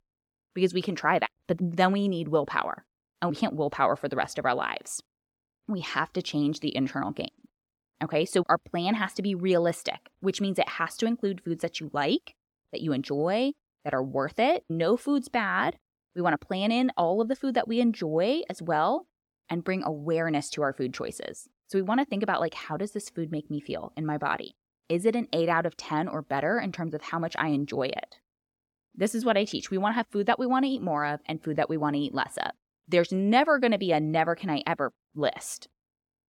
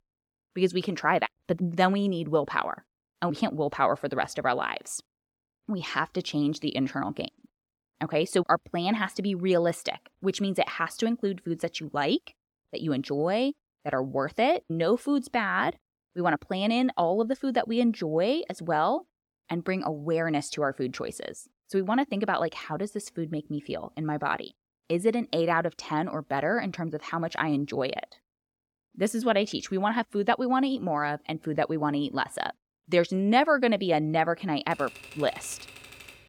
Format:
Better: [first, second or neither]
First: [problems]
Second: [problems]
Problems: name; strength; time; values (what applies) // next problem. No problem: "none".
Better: first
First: none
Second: keyboard typing; faint; from 35 s on; peak 15 dB below the speech